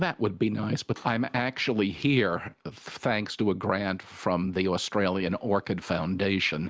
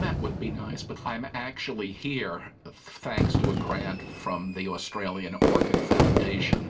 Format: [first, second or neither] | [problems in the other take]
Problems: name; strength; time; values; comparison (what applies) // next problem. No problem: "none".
first | background sound (Fireworks); 5 dB above the speech // room echo; dies away in 0.2 s